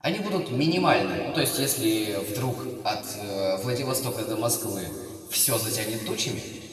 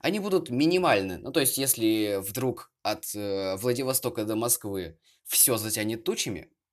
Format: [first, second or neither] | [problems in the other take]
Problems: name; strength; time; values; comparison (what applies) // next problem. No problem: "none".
second | room echo; noticeable; dies away in 2.4 s // off-mic speech; far